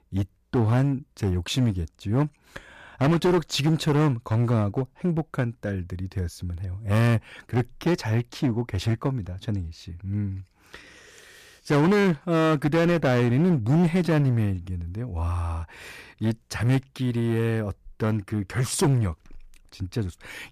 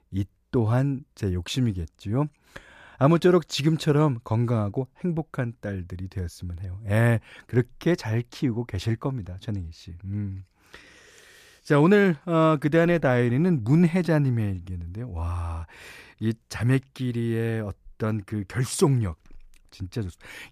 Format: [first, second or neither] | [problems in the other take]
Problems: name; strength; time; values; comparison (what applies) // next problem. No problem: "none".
second | distortion; slight; 10% of the sound clipped